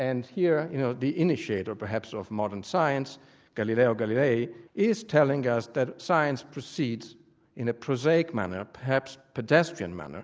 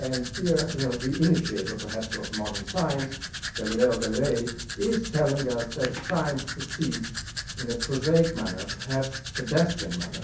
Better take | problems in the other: first | background sound (Domestic sounds, home sounds); 8 dB below the speech // room echo; dies away in 0.6 s

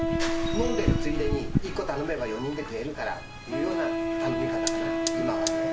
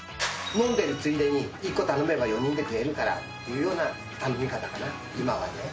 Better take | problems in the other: second | background sound (Wind instrument, woodwind instrument + Fire); 4 dB above the speech

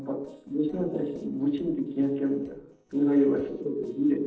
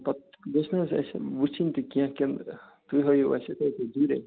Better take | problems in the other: second | noise reduction (neural separator model SepFormer DNS4)

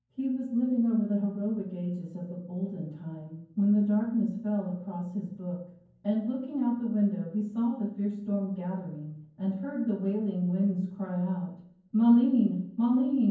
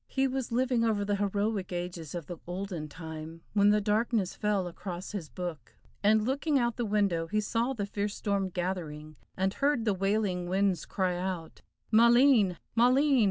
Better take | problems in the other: second | room echo; dies away in 0.9 s

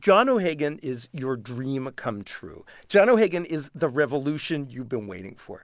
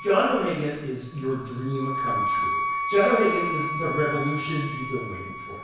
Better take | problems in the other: first | background sound (Wind instrument, woodwind instrument); 4 dB below the speech // room echo; dies away in 1.1 s

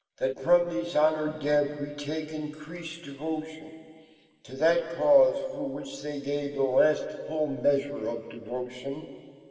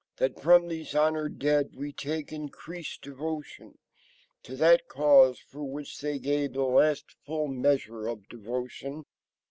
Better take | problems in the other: second | room echo; dies away in 2.4 s

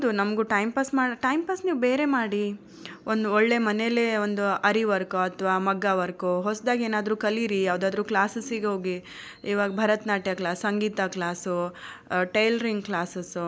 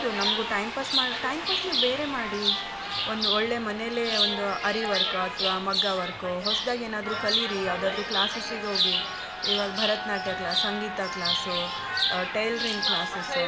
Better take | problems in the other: first | background sound (Chirp, tweet); 2 dB above the speech // room echo; dies away in 0.9 s

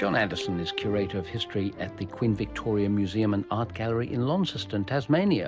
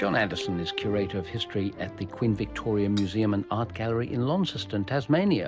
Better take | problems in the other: first | background sound (Cutlery, silverware / Dishes, pots, and pans); 20 dB below the speech

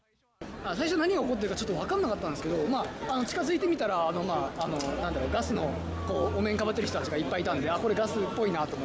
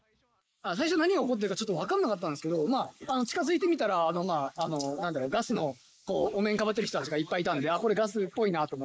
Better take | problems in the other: first | noise reduction (neural mask model Resemble Enhance denoiser)

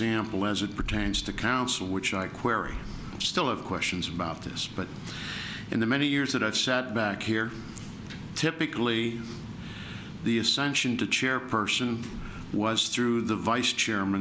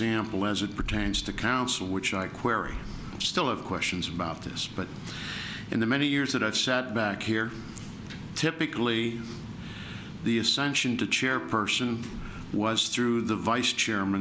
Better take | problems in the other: first | background sound (Bowed string instrument); 18 dB below the speech

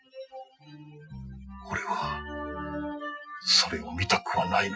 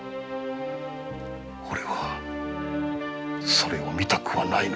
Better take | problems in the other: second | noise reduction (classical method Wiener filter)

